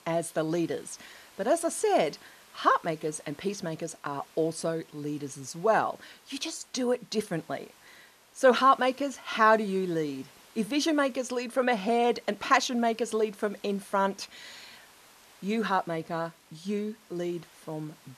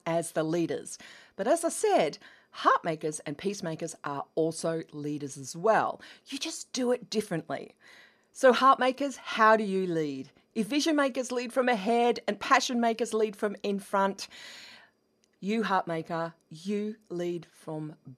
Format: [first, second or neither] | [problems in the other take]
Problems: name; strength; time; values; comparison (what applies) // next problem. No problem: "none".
second | hiss; faint; throughout; 25 dB below the speech